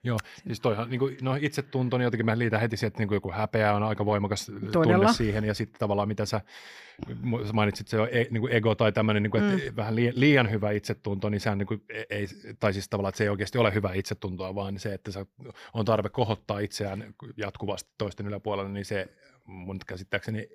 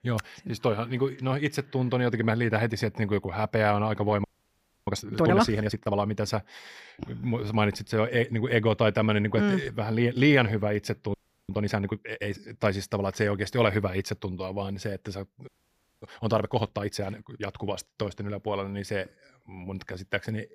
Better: first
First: none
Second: audio freezing; at 4 s for 0.5 s, at 11 s and at 15 s for 0.5 s

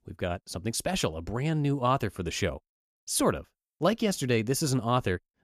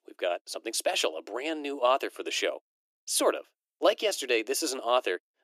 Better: first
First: none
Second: thin; very; fading below 300 Hz

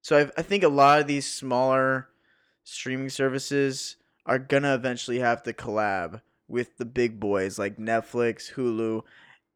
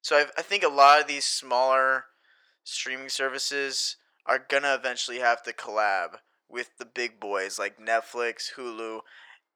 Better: first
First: none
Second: thin; very; fading below 800 Hz

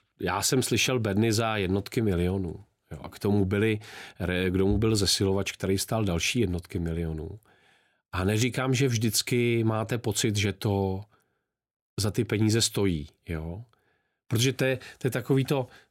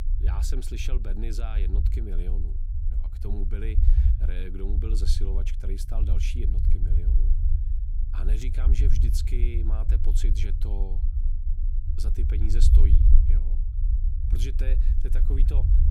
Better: first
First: none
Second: low rumble; loud; throughout; 4 dB below the speech

